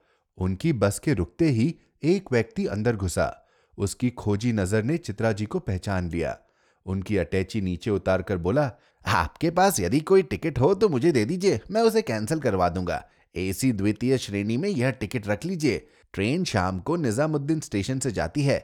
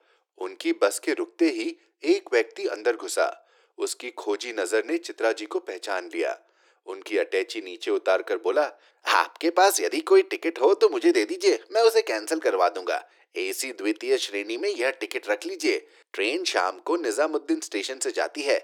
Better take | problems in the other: first | thin; very; fading below 300 Hz

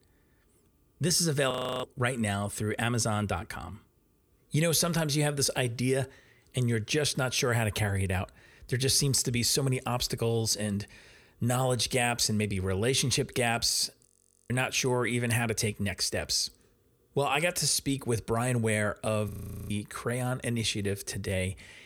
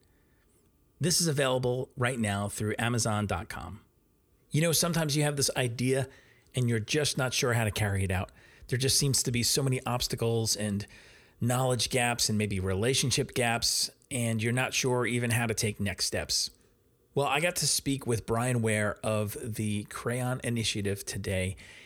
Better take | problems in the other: second | audio freezing; at 1.5 s, at 14 s and at 19 s

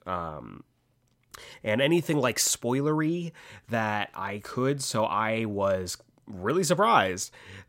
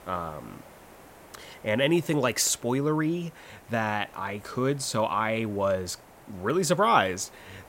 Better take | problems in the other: first | hiss; faint; throughout; 25 dB below the speech

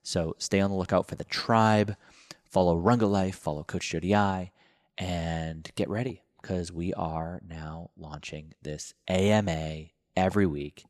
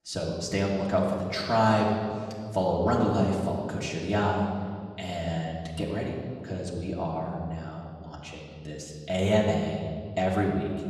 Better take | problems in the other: first | off-mic speech; far // room echo; noticeable; dies away in 1.9 s

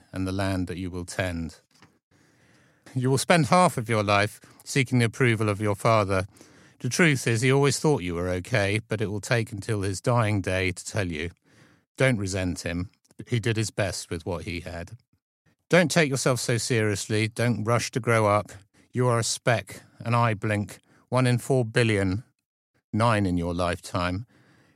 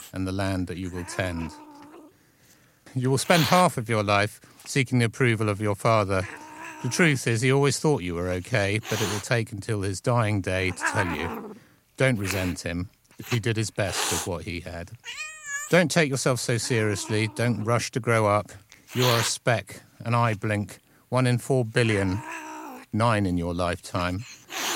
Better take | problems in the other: first | hiss; loud; throughout; 8 dB below the speech

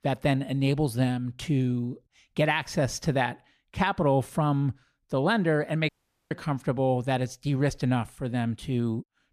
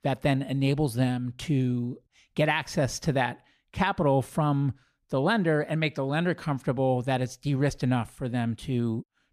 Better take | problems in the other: second | audio cutting out; at 6 s

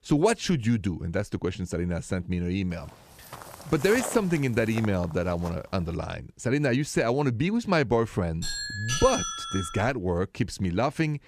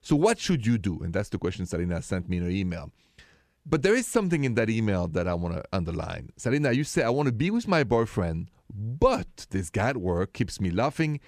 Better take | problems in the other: second | footsteps; noticeable; from 3 to 6 s; peak 7 dB below the speech // doorbell; noticeable; from 8.5 to 10 s; peak 1 dB below the speech

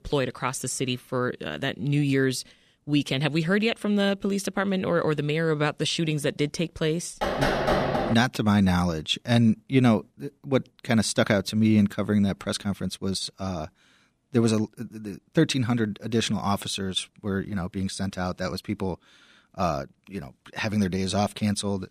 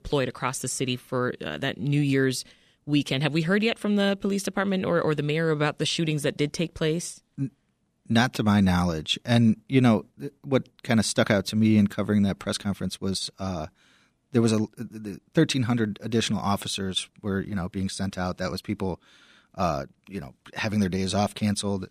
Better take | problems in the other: second | door banging; loud; at 7 s; peak 2 dB above the speech

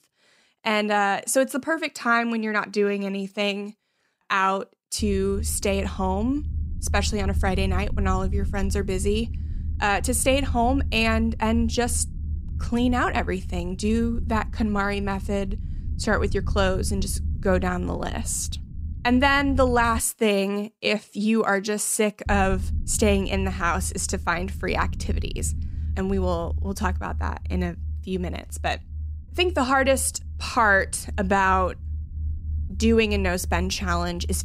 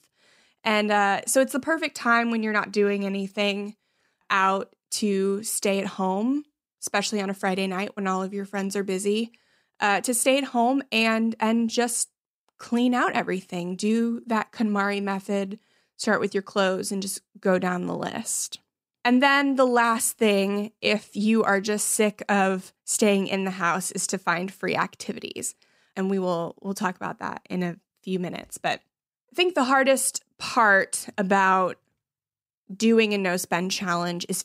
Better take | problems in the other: second | low rumble; faint; from 5 to 20 s and from 22 s on; 25 dB below the speech

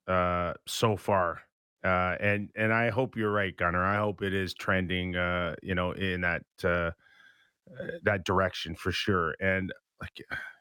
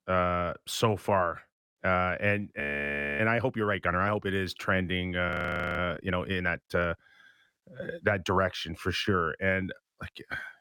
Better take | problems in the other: first | audio freezing; at 2.5 s for 0.5 s and at 5.5 s

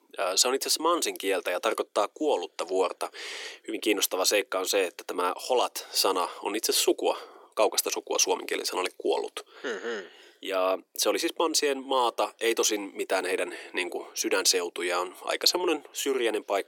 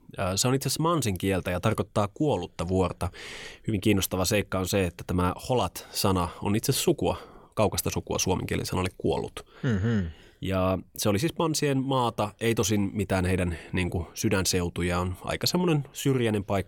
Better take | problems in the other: second | thin; very; fading below 350 Hz

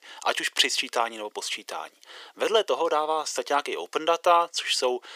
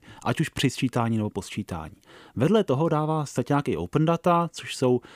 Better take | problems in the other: second | thin; very; fading below 450 Hz

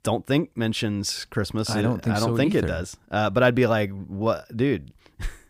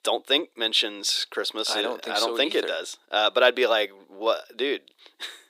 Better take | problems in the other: first | thin; very; fading below 350 Hz

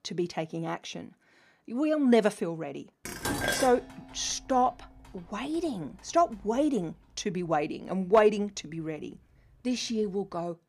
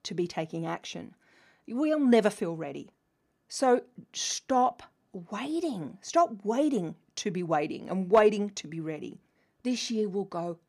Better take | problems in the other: second | clattering dishes; noticeable; from 3 to 5 s; peak level with the speech

